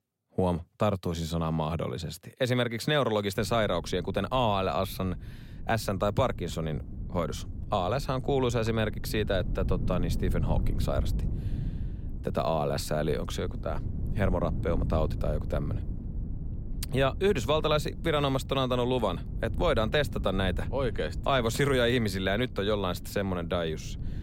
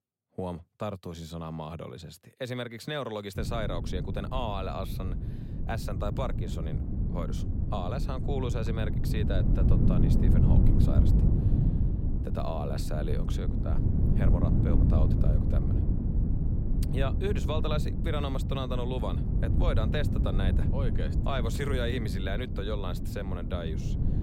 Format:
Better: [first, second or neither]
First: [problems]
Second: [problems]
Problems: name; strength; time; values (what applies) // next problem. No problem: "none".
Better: first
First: wind noise on the microphone; occasional gusts; from 3.5 s on; 20 dB below the speech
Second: wind noise on the microphone; heavy; from 3.5 s on; 4 dB below the speech